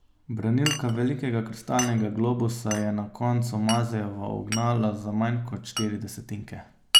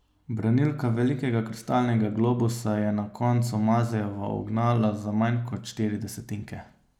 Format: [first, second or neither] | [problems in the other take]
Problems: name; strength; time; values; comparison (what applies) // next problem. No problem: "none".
second | background sound (Glass); 6 dB below the speech